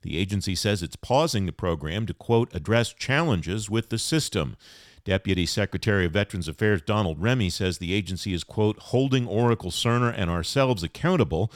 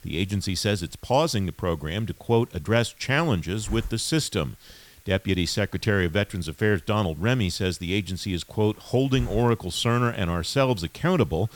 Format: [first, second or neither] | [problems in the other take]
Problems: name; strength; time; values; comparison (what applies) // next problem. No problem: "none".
first | hiss; faint; throughout; 20 dB below the speech